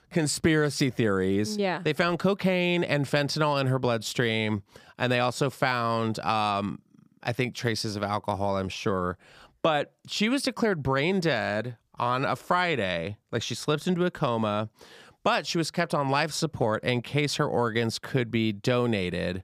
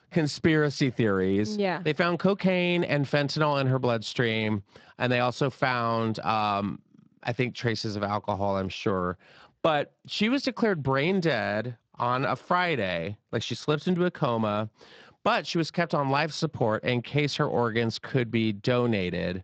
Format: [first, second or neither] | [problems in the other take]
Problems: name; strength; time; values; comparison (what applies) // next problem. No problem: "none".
first | garbled, watery; slightly; nothing above 7.5 kHz